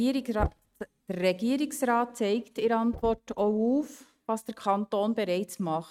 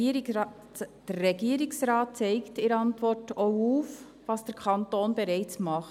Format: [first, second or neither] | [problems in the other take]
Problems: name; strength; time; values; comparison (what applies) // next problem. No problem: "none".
second | noise reduction (neural mask model RNNoise)